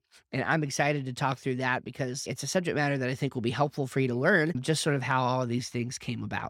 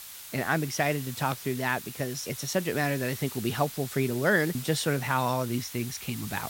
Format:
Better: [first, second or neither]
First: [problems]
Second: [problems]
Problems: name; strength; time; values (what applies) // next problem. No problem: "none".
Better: first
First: none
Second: hiss; noticeable; throughout; 10 dB below the speech